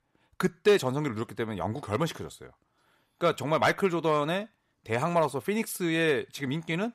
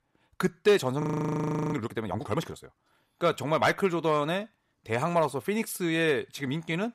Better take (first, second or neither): first